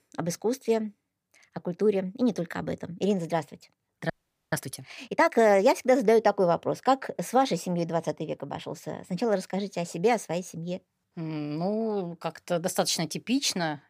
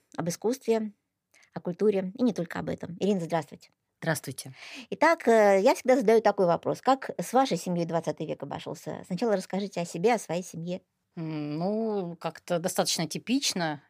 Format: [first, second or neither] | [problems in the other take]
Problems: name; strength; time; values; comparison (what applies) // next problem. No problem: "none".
second | audio freezing; at 4 s